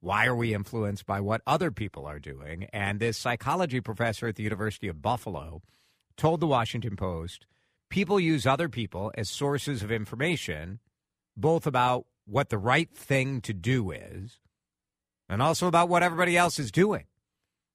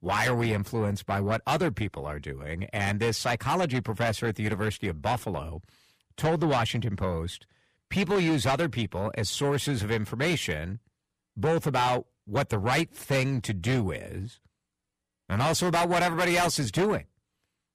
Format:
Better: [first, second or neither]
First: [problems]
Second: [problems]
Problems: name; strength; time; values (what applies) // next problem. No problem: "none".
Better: first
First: none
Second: distortion; heavy; 7 dB below the speech